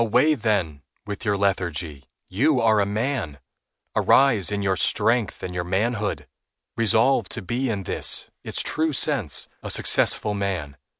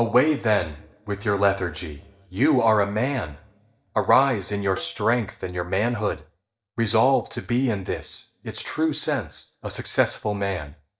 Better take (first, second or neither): first